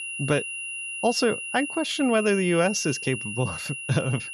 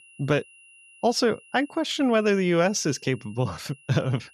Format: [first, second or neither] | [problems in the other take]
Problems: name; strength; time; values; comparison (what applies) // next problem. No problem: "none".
second | high-pitched whine; loud; throughout; 3 kHz, 6 dB below the speech; faint in the second